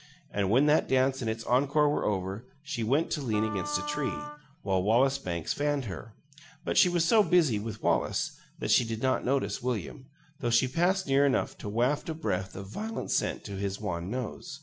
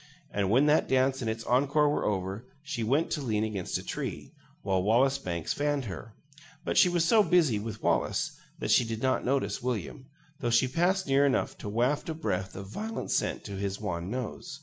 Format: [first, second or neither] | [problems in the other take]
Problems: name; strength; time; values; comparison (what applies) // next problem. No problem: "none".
second | background sound (Wind instrument, woodwind instrument); 10 dB below the speech